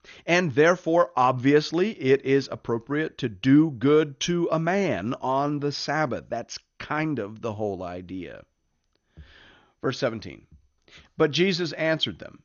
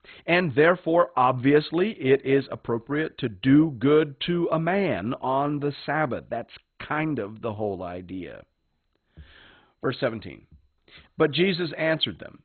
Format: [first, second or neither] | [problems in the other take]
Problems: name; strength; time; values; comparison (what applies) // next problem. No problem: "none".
first | garbled, watery; badly; nothing above 4 kHz; slightly in the first